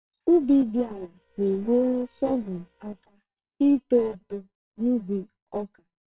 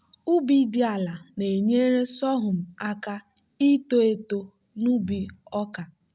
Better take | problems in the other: second | noise reduction (neural separator model SepFormer WHAMR!)

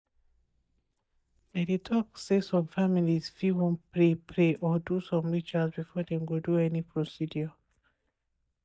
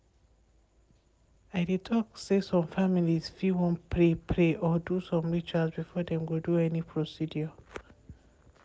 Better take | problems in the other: second | noise reduction (neural mask model DeepFilterNet 3)

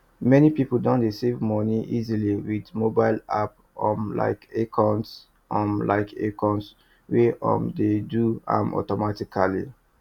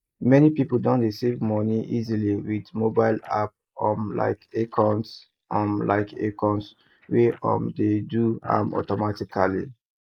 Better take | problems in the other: first | noise reduction (neural mask model Resemble Enhance denoiser)

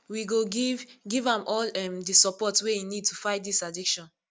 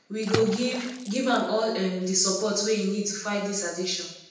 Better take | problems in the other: first | background sound (Water / Splash, splatter); 12 dB below the speech // room echo; dies away in 0.8 s

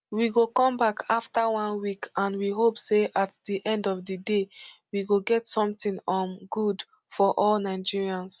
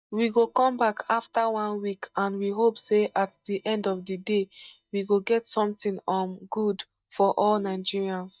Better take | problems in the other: first | noise reduction (neural mask model DeepFilterNet 3)

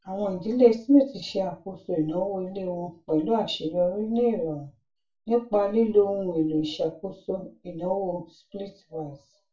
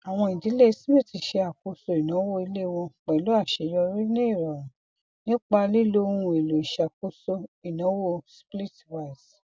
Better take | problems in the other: second | room echo; dies away in 0.3 s

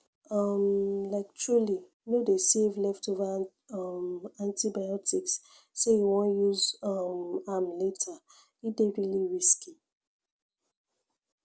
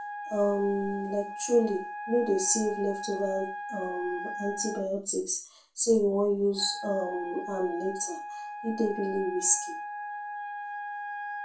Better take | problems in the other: first | background sound (Wind instrument, woodwind instrument); 8 dB below the speech // room echo; dies away in 0.3 s

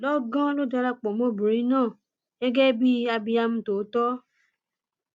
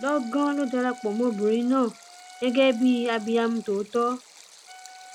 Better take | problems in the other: first | background sound (Stream + Wind instrument, woodwind instrument); 20 dB below the speech

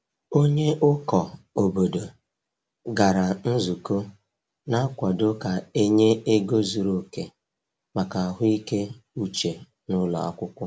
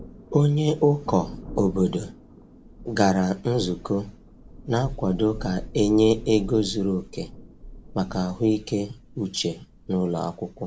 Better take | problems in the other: first | background sound (Thunder); 16 dB below the speech

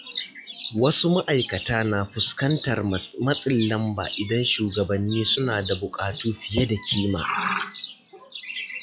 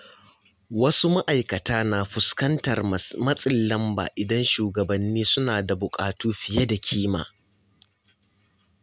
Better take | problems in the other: second | noise reduction (classical method log-MMSE)

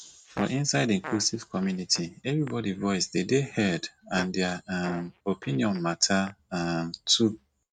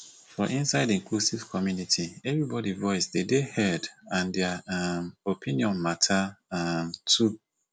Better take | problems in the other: second | noise reduction (neural mask model RNNoise)

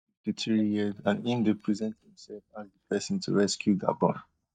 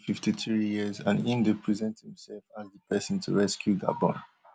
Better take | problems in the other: second | noise reduction (neural mask model DeepFilterNet 3)

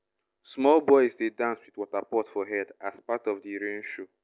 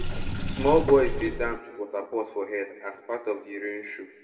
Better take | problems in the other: first | background sound (Sink (filling or washing) / Water); 6 dB below the speech // room echo; dies away in 1.5 s

